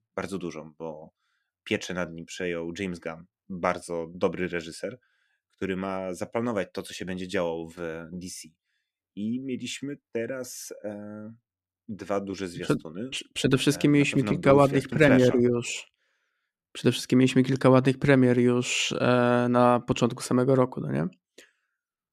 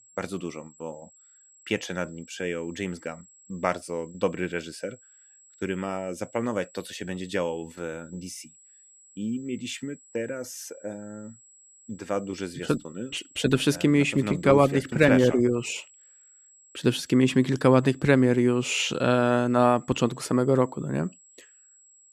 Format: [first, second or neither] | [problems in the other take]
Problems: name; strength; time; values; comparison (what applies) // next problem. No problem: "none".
first | high-pitched whine; faint; throughout; 7.5 kHz, 25 dB below the speech